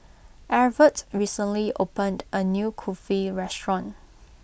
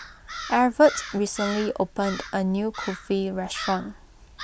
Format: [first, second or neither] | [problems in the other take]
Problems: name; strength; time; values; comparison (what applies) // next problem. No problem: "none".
first | background sound (Crow); 13 dB below the speech